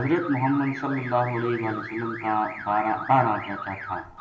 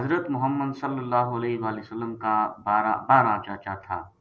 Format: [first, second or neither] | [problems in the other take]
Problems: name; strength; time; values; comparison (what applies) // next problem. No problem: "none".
second | background sound (Alarm / Car); 11 dB below the speech // room echo; dies away in 1.3 s